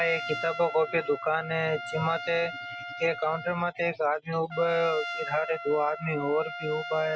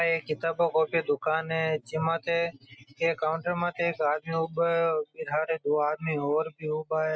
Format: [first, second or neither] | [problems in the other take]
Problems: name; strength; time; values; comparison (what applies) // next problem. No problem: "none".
second | background sound (Trumpet); 10 dB below the speech